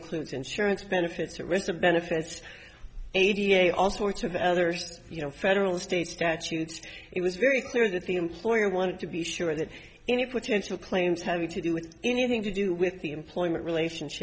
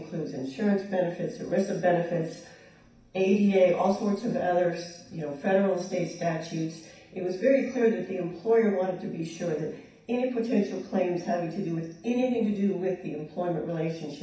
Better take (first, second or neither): first